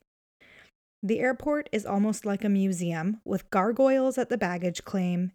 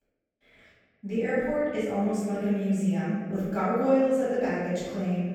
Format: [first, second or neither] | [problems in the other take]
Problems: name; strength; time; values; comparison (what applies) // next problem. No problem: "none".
first | room echo; strong; dies away in 1.5 s // off-mic speech; far